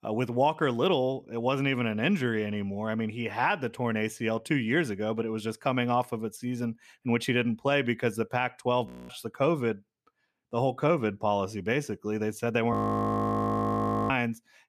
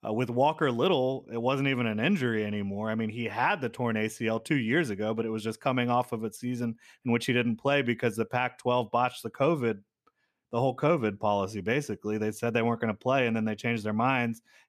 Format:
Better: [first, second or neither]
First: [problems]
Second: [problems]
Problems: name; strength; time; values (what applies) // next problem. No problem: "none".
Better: second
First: audio freezing; at 9 s and at 13 s for 1.5 s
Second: none